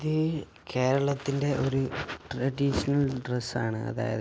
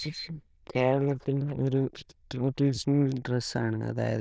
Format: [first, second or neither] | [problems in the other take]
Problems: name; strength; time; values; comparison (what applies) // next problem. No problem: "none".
first | noise reduction (neural diffusion model UNIVERSE++)